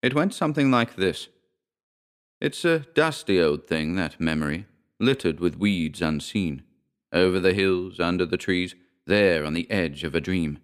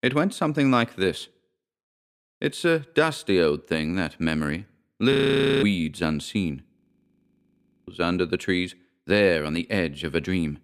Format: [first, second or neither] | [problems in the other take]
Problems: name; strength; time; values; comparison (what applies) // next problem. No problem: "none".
first | audio freezing; at 5 s for 0.5 s and at 7 s for 1 s